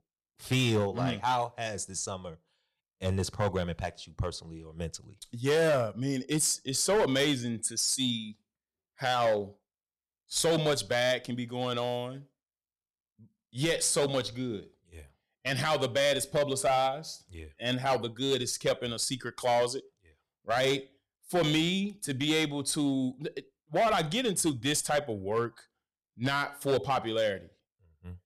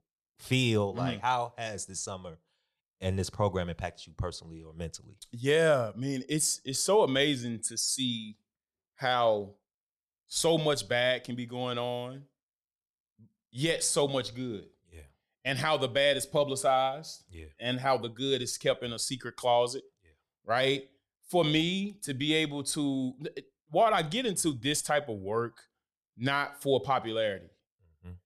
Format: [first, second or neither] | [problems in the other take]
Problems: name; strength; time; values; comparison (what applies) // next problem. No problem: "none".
second | distortion; slight; 5% of the sound clipped